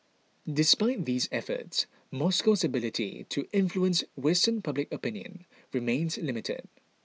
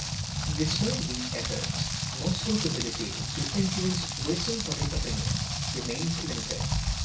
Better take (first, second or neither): first